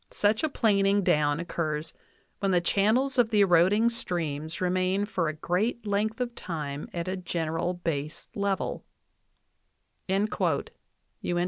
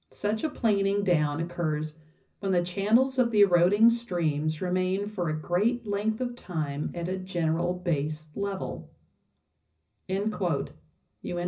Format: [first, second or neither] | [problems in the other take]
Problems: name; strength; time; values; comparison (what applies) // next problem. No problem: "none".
first | room echo; dies away in 0.4 s